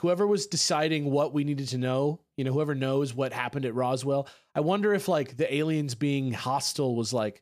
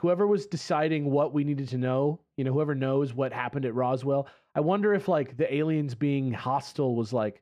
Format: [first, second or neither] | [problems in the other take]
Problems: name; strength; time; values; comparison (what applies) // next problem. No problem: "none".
first | muffled; slightly; fading above 3.5 kHz